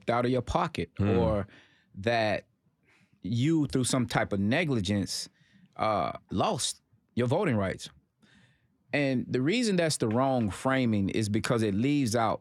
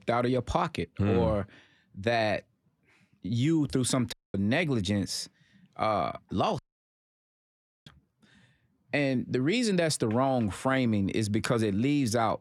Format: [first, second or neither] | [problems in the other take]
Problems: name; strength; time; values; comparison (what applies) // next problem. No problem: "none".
first | audio cutting out; at 4 s and at 6.5 s for 1.5 s